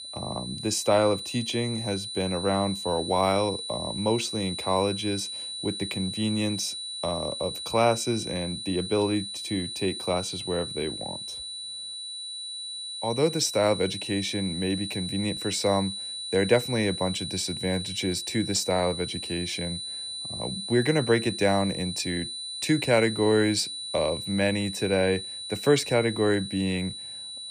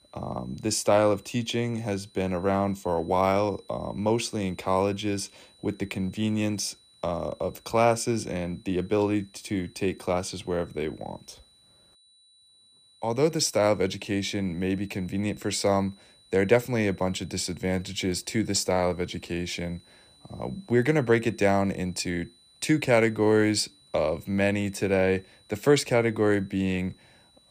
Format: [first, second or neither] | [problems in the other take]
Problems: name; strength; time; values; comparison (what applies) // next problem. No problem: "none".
second | high-pitched whine; loud; throughout; 4 kHz, 6 dB below the speech; faint in the second